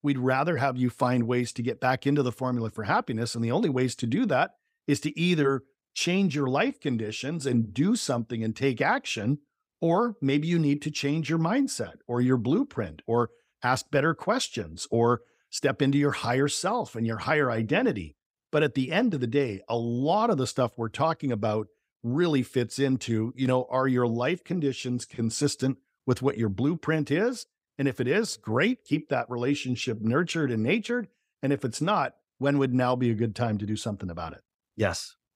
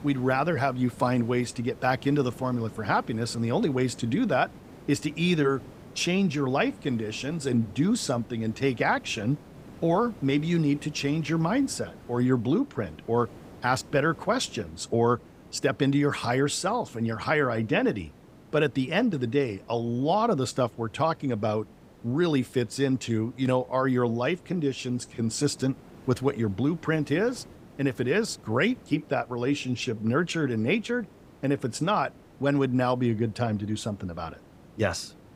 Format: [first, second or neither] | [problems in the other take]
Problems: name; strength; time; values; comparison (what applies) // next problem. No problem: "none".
first | hiss; faint; throughout; 20 dB below the speech